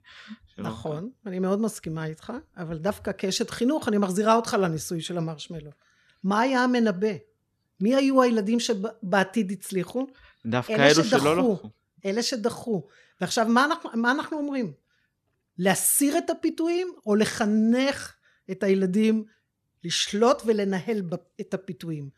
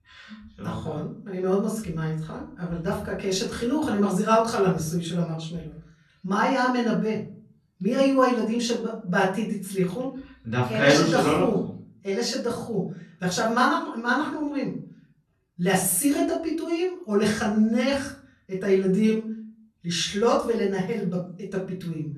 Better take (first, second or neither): first